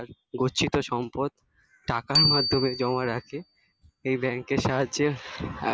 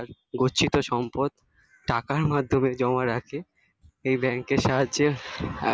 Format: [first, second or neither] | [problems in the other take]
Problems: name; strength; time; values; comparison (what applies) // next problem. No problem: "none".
second | background sound (Bicycle bell); 3 dB below the speech